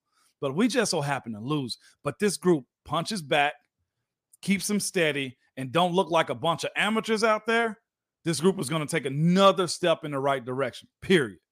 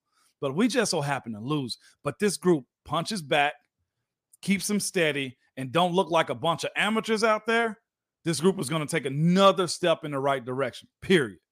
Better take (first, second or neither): neither